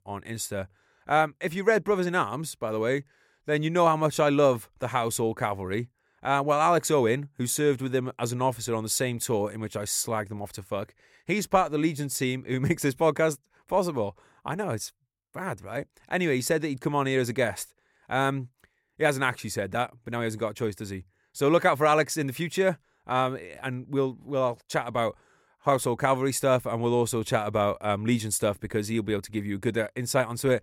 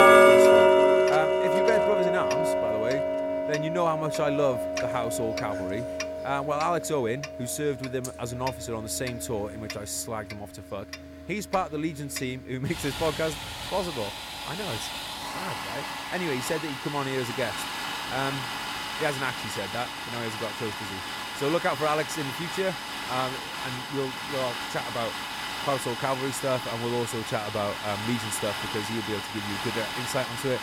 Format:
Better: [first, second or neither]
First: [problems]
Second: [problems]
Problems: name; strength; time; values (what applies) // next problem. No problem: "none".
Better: first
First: none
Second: household noises; very loud; throughout; 3 dB above the speech